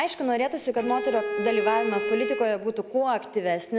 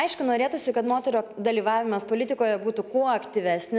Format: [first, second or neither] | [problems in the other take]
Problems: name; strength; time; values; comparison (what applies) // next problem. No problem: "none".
second | background sound (Bowed string instrument); 4 dB below the speech